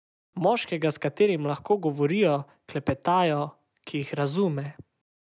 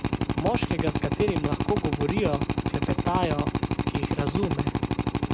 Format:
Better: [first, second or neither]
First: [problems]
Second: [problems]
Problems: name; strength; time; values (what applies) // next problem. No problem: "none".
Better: first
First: none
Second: background sound (Drill); 4 dB above the speech